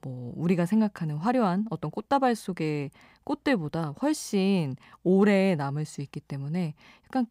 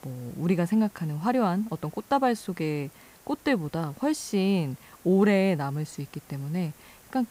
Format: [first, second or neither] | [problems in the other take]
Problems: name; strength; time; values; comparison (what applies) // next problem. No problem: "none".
first | hiss; faint; throughout; 25 dB below the speech